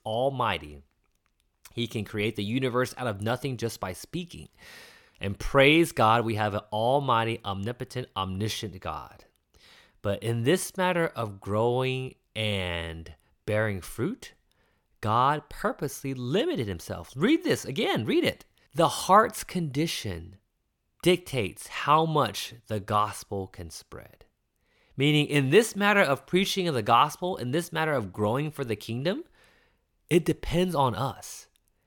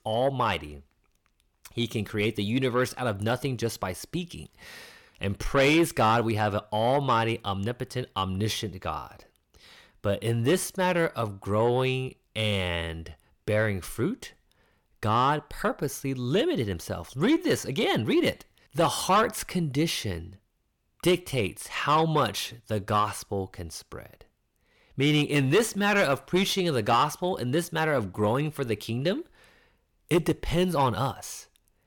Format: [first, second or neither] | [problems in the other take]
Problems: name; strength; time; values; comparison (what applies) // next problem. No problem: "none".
first | distortion; slight; 10 dB below the speech